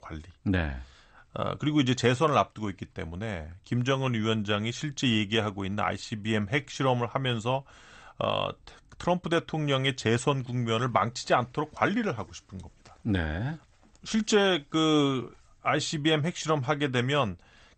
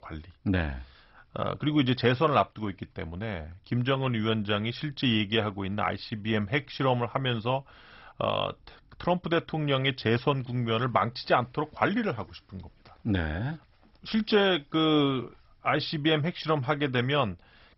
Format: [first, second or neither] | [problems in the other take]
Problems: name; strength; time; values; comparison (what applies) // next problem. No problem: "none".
first | garbled, watery; badly; nothing above 5.5 kHz; slightly in the first